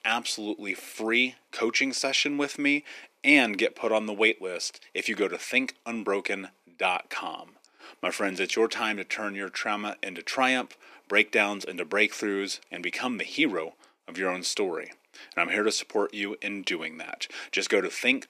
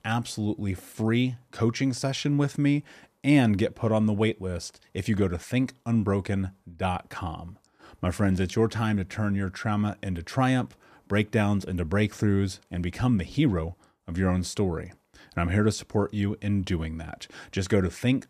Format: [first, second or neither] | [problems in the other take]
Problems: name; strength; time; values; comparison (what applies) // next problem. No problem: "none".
second | thin; somewhat; fading below 300 Hz